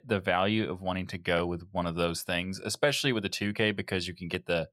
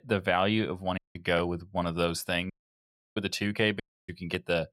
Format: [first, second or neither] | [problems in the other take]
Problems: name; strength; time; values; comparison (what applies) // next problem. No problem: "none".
first | audio cutting out; at 1 s, at 2.5 s for 0.5 s and at 4 s